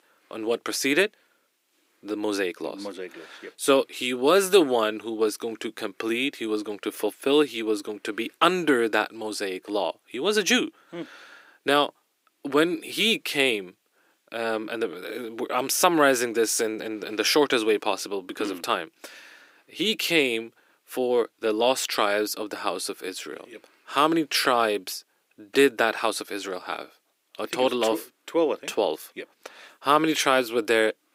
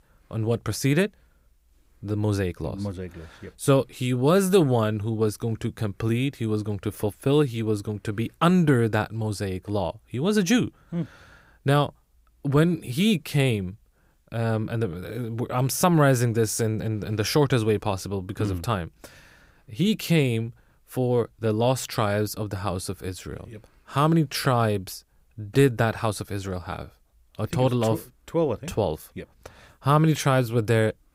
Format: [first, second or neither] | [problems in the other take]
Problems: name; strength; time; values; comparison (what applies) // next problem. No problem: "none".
second | thin; somewhat; fading below 300 Hz